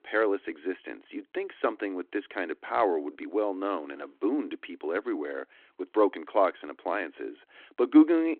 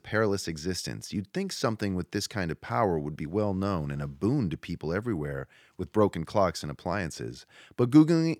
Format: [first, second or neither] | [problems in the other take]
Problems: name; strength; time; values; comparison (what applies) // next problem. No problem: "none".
second | phone-call audio